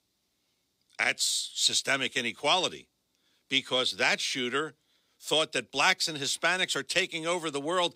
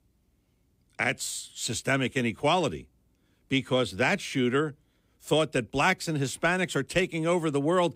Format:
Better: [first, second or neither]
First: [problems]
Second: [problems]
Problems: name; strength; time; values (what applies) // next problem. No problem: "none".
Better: second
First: thin; somewhat; fading below 750 Hz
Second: none